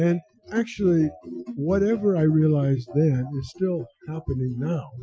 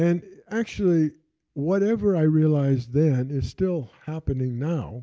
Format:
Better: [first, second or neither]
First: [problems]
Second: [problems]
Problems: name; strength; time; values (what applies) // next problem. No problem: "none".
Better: second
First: noise reduction (classical method Wiener filter)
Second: none